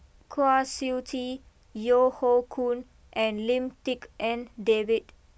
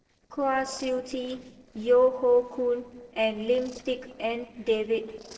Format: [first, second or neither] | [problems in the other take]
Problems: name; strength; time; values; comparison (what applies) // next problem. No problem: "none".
first | noise reduction (neural separator model SepFormer DNS4)